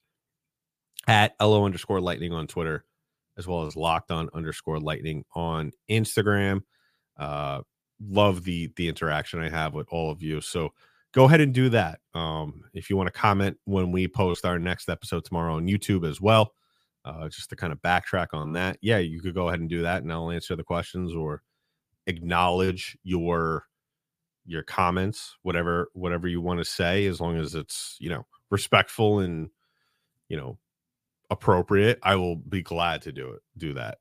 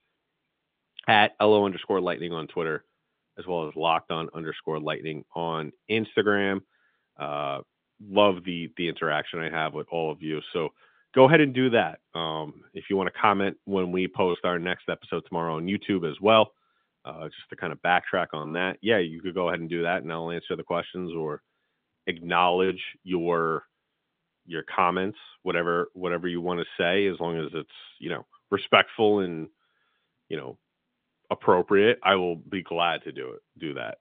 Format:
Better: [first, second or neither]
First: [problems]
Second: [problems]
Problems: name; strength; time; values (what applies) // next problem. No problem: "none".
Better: first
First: none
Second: phone-call audio; nothing above 3.5 kHz